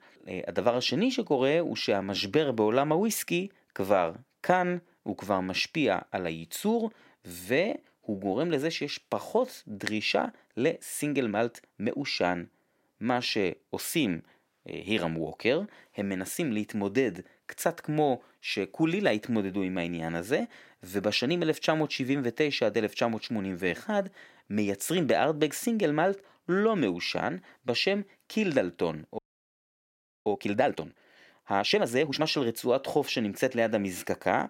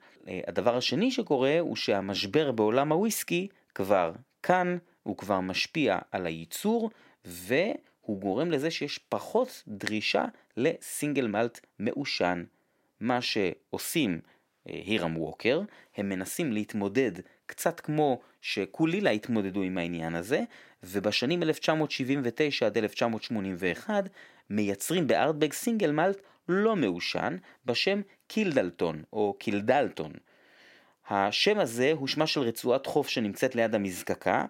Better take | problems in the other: second | audio freezing; at 29 s for 1 s

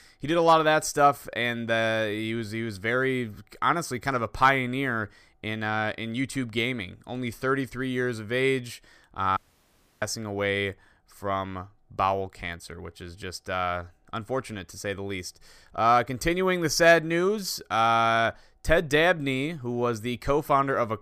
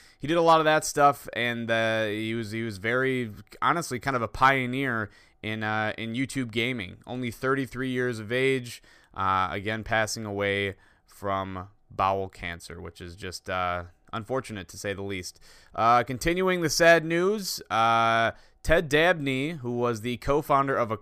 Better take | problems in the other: second | audio cutting out; at 9.5 s for 0.5 s

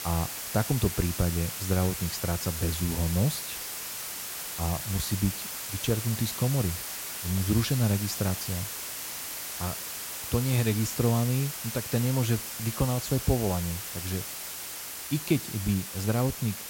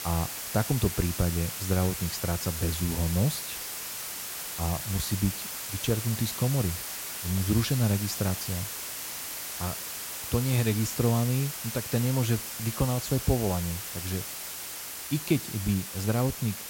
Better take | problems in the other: neither | hiss; loud; throughout; 4 dB below the speech; the same in both

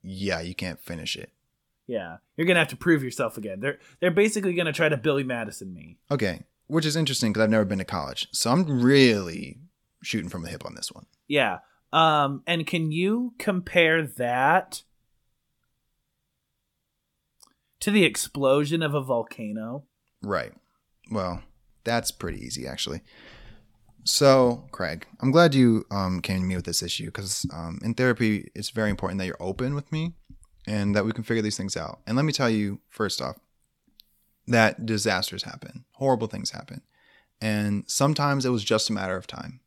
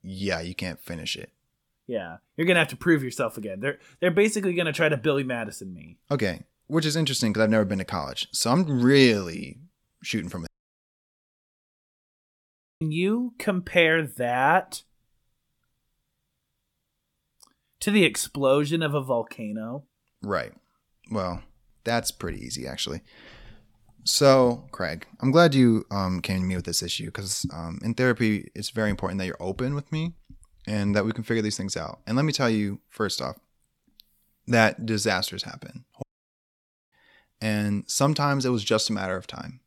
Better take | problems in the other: first | audio cutting out; at 10 s for 2.5 s and at 36 s for 1 s

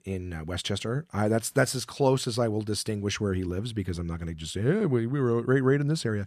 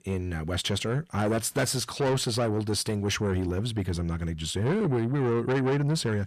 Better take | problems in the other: first | distortion; heavy; 8 dB below the speech

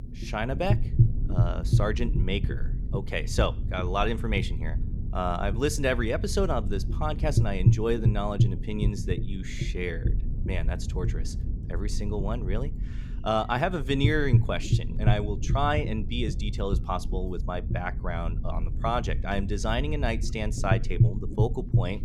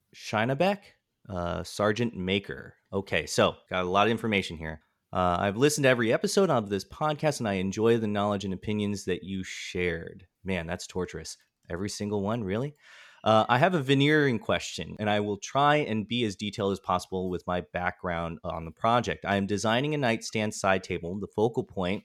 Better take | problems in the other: second | low rumble; noticeable; throughout; 10 dB below the speech

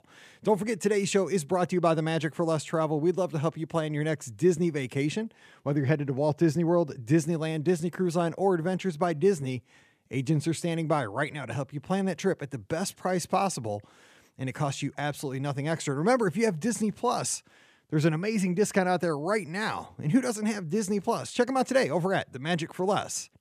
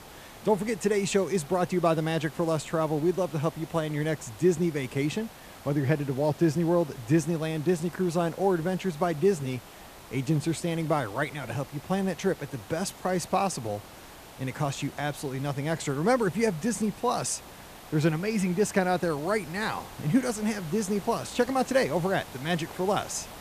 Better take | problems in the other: first | hiss; noticeable; throughout; 15 dB below the speech

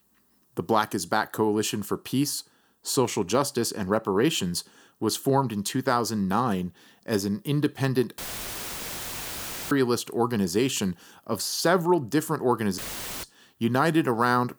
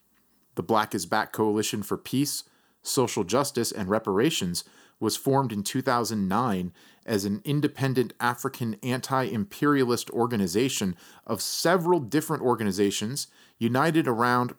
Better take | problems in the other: second | audio cutting out; filled with static; at 8 s for 1.5 s and at 13 s

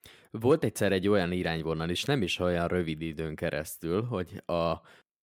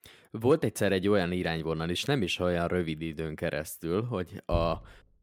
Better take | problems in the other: first | door banging; noticeable; at 4.5 s; peak 7 dB below the speech

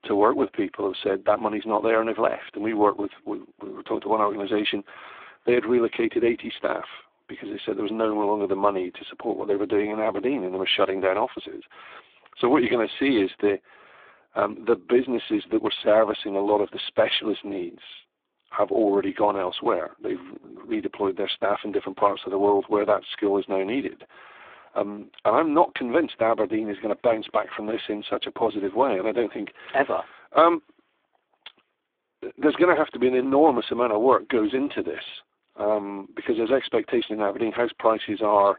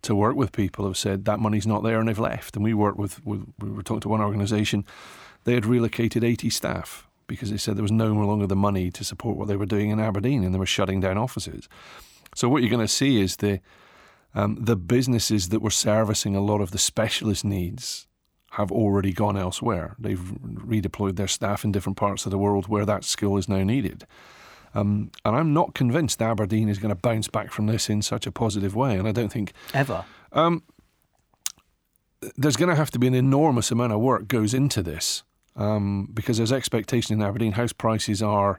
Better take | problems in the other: second | phone-call audio; poor line

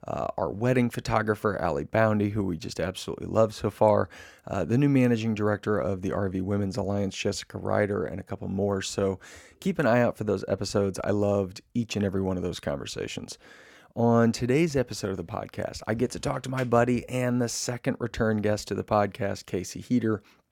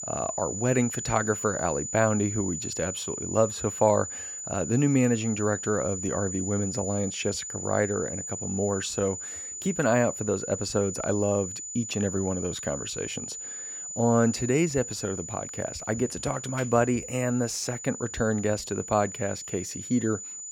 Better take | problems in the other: first | high-pitched whine; loud; throughout; 7 kHz, 6 dB below the speech

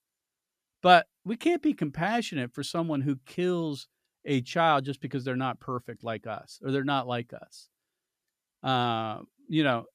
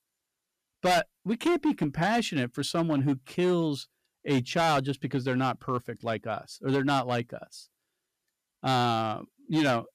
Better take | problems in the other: first | distortion; heavy; 7% of the sound clipped

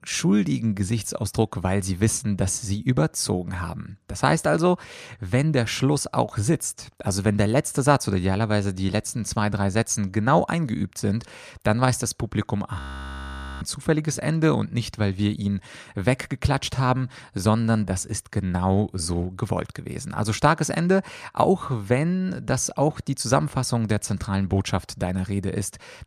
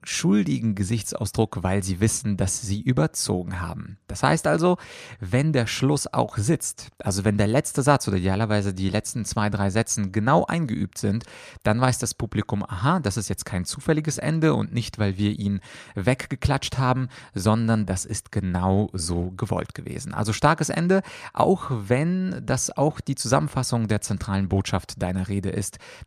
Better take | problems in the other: second | audio freezing; at 13 s for 1 s

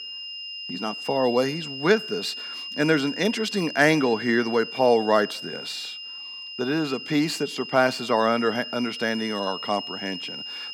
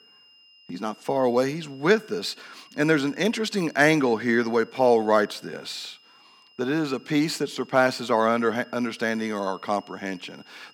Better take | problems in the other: second | high-pitched whine; loud; throughout; 3 kHz, 9 dB below the speech; faint in the second

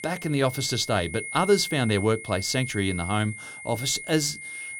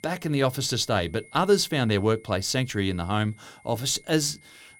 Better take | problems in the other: second | high-pitched whine; loud; throughout; 2 kHz, 10 dB below the speech; faint in the second

